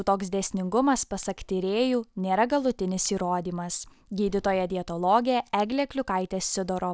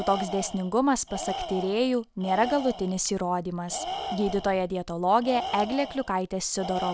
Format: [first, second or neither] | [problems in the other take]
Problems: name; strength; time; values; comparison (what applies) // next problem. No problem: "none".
first | background sound (Tools); 10 dB below the speech